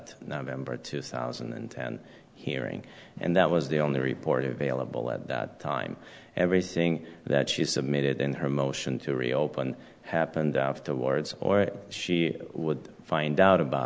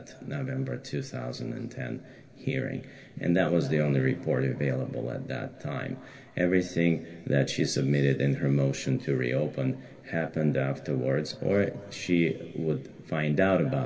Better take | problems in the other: first | room echo; dies away in 2.3 s

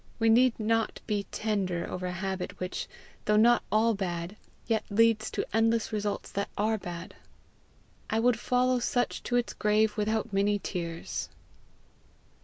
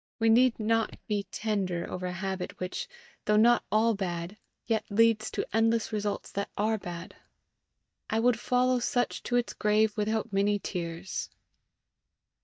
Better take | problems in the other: first | noise reduction (neural mask model DeepFilterNet 3)

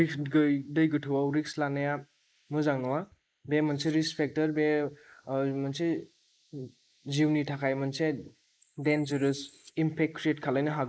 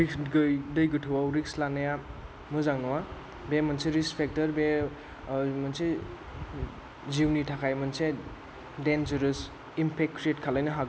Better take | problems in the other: second | noise reduction (neural mask model Resemble Enhance denoiser)

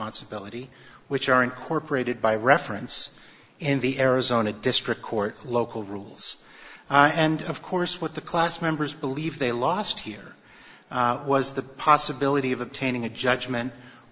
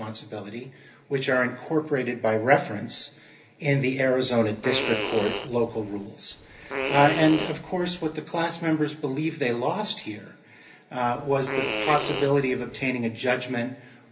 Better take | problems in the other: first | background sound (Fart); 6 dB below the speech // room echo; dies away in 0.3 s

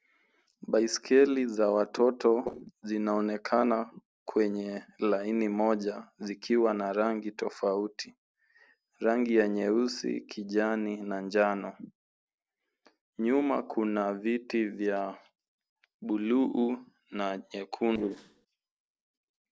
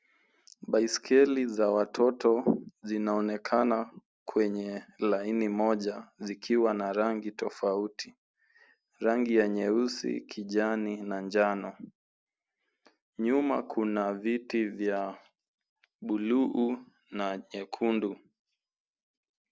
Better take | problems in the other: second | noise reduction (neural separator model SepFormer DNS4)

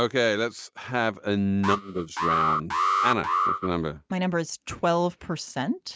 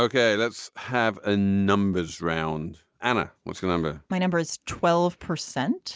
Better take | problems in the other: second | noise reduction (neural mask model RNNoise)

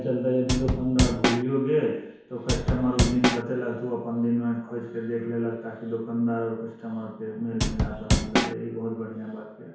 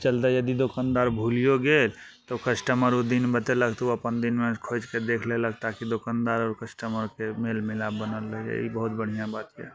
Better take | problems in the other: second | background sound (Drum / Drum kit); 3 dB above the speech // room echo; dies away in 1 s

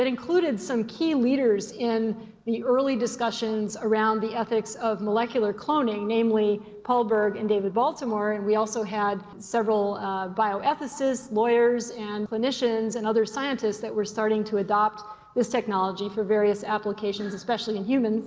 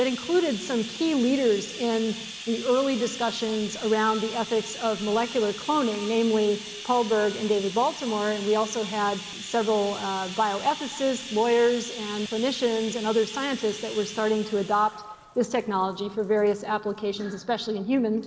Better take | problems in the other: first | background sound (Bathtub (filling or washing)); 14 dB below the speech

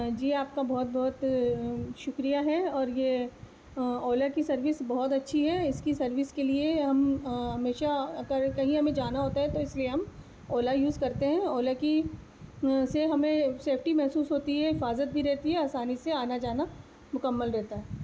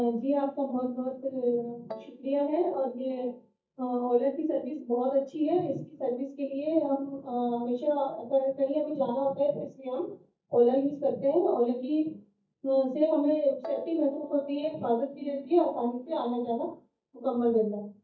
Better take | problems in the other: first | noise reduction (neural mask model DeepFilterNet 3)

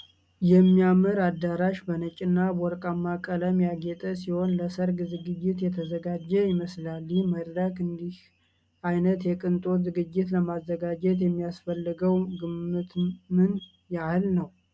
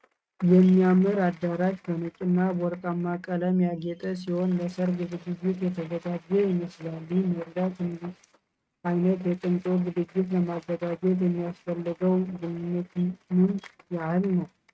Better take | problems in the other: first | noise reduction (neural mask model RNNoise)

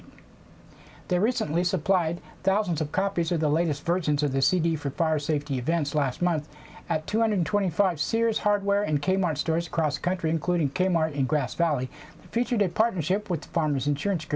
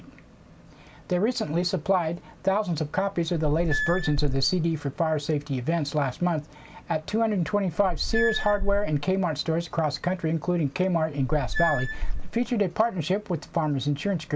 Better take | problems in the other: first | background sound (Squeak / Screech); 1 dB below the speech

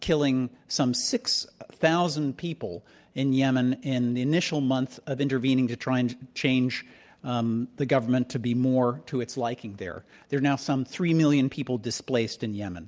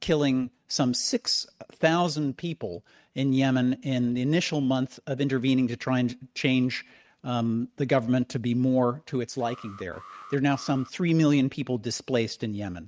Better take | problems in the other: first | noise reduction (neural mask model RNNoise)

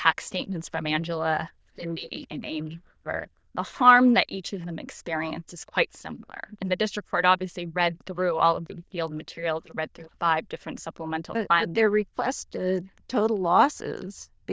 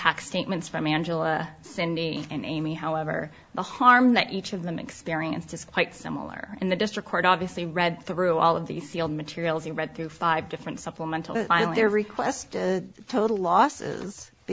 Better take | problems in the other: second | noise reduction (neural diffusion model UNIVERSE++)

